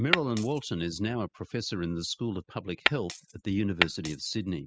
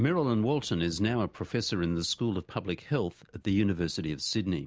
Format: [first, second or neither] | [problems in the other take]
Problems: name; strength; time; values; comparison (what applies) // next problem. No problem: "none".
second | noise reduction (classical method spectral subtraction)